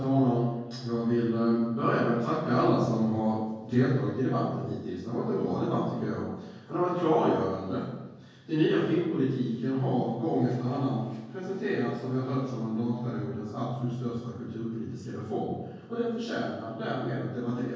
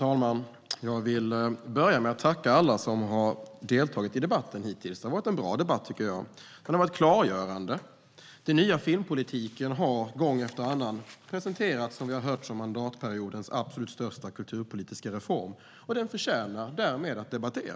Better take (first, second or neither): second